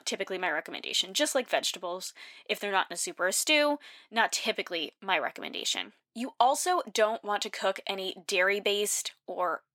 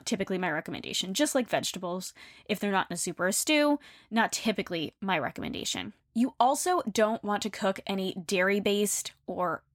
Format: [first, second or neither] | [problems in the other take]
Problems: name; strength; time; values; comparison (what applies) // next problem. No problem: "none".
second | thin; somewhat; fading below 450 Hz